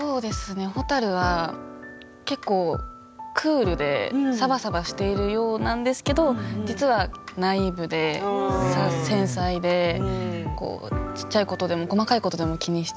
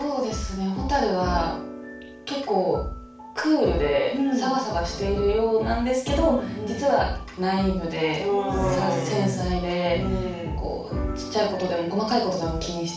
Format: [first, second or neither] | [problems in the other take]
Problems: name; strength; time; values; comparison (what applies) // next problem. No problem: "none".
first | room echo; dies away in 0.4 s